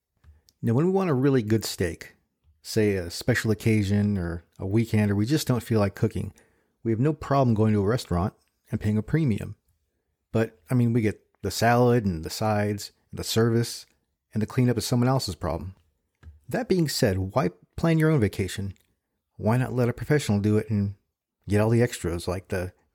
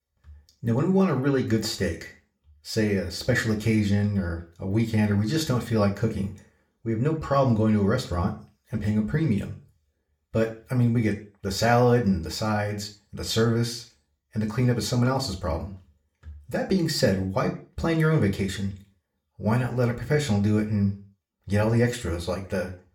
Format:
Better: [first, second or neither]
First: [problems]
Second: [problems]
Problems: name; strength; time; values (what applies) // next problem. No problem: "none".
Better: first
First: none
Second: room echo; very slight; dies away in 0.4 s // off-mic speech; somewhat distant